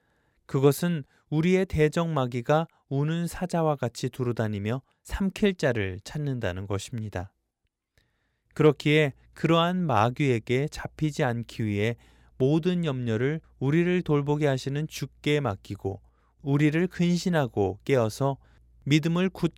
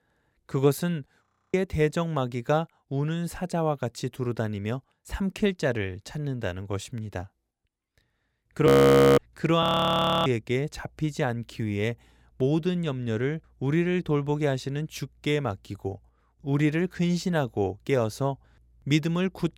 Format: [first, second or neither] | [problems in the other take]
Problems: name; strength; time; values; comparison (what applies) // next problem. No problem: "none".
first | audio freezing; at 1.5 s, at 8.5 s for 0.5 s and at 9.5 s for 0.5 s